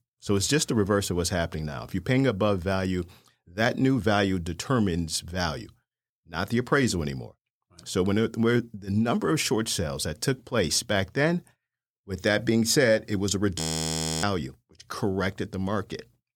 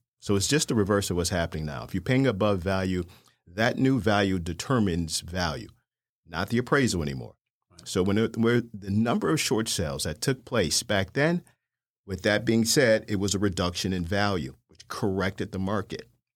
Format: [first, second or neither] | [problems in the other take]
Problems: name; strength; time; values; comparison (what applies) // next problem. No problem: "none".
second | audio freezing; at 14 s for 0.5 s